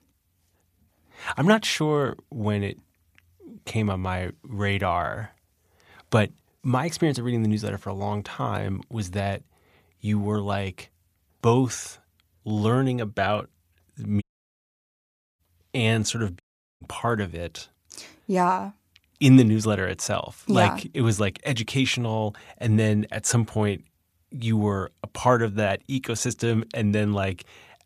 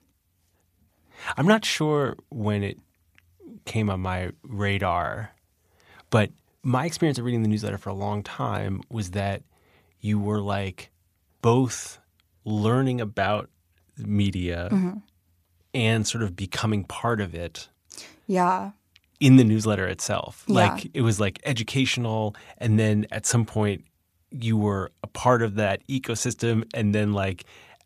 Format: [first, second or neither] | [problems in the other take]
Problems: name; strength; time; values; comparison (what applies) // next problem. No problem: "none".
second | audio cutting out; at 14 s for 1 s and at 16 s